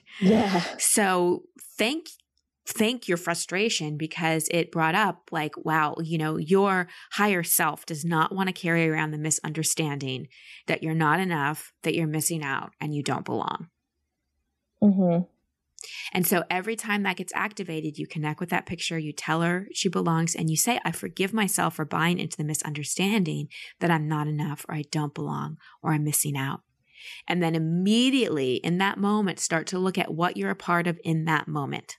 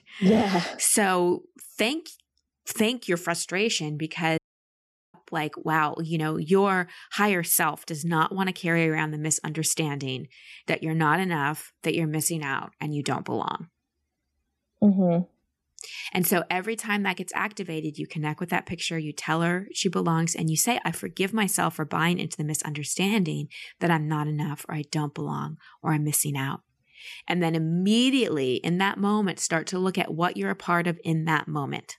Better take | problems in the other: first | audio cutting out; at 4.5 s for 1 s

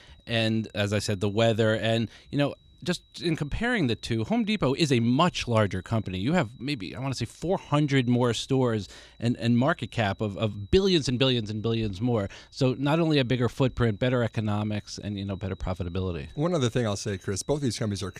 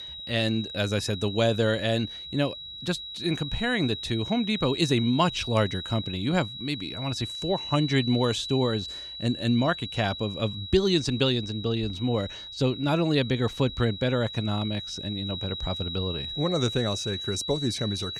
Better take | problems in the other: first | high-pitched whine; loud; throughout; 4 kHz, 7 dB below the speech; faint in the first

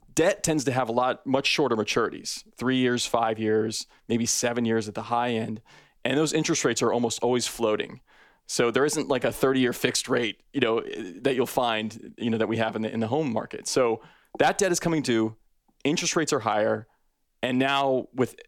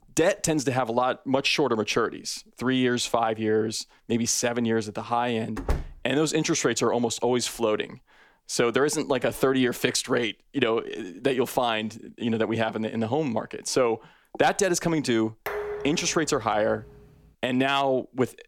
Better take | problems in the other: first | door banging; noticeable; at 5.5 s; peak 6 dB below the speech // clattering dishes; noticeable; from 15 to 17 s; peak 6 dB below the speech

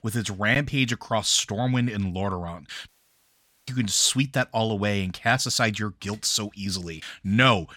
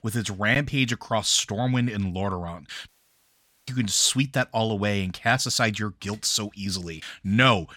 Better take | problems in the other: neither | audio cutting out; at 3 s for 1 s; the same in both

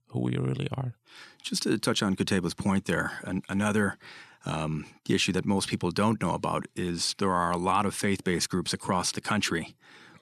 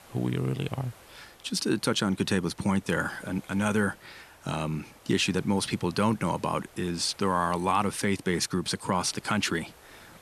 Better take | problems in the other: first | hiss; faint; throughout; 25 dB below the speech

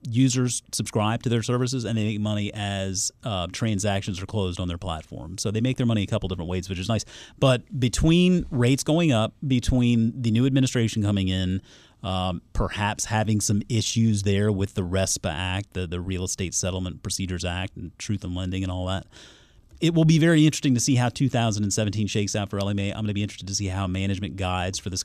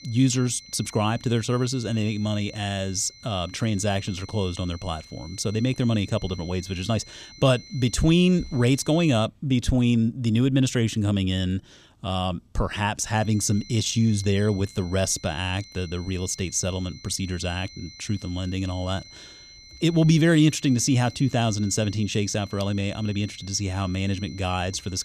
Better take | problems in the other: first | high-pitched whine; noticeable; until 9.5 s and from 13 s on; 4 kHz, 20 dB below the speech

